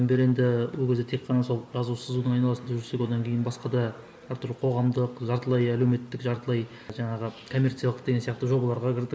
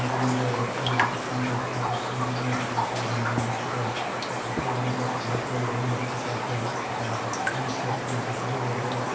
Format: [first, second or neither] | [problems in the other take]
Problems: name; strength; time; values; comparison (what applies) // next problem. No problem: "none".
first | background sound (Raindrop); 2 dB above the speech // room echo; dies away in 1.2 s